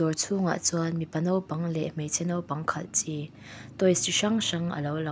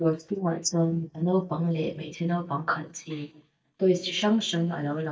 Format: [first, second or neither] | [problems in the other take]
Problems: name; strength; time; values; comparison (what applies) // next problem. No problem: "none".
first | noise reduction (neural mask model DeepFilterNet 3)